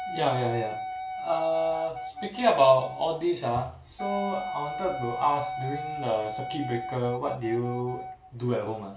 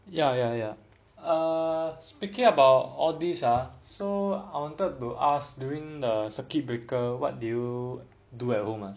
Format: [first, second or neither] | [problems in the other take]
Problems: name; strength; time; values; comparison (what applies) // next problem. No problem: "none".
second | background sound (Wind instrument, woodwind instrument); 8 dB below the speech // room echo; dies away in 0.3 s